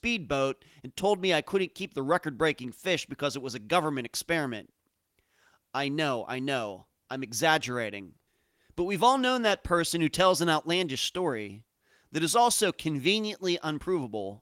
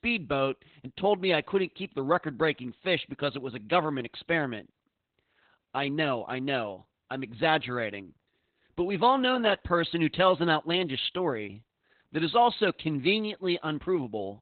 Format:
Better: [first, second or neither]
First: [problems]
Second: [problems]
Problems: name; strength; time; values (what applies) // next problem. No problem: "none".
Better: first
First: garbled, watery; slightly; nothing above 16.5 kHz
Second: garbled, watery; badly; nothing above 4 kHz